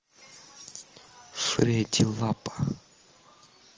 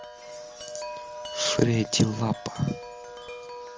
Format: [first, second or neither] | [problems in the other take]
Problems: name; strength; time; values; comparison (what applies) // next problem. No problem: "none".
first | background sound (Wind chime); 9 dB below the speech